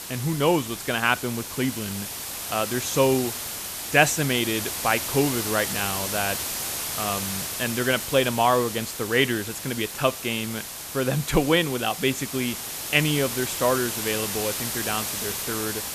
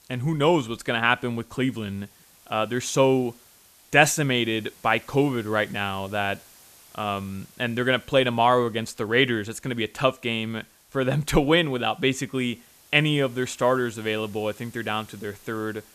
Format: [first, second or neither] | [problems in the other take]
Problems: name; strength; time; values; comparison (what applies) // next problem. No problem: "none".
second | hiss; loud; throughout; 4 dB below the speech; faint in the second